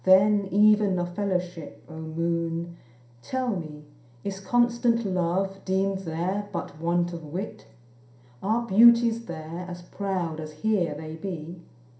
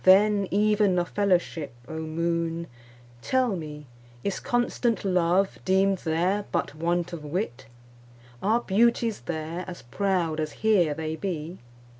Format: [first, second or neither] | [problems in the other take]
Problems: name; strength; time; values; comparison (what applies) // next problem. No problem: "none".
second | room echo; dies away in 0.5 s